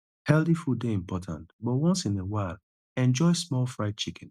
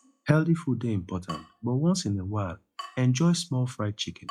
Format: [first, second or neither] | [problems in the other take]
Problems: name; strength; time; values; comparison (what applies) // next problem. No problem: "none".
first | noise reduction (classical method log-MMSE)